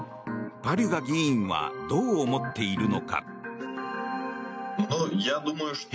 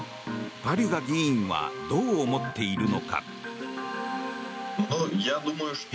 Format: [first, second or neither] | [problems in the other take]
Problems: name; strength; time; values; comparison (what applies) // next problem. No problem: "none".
first | background sound (Hiss); 19 dB below the speech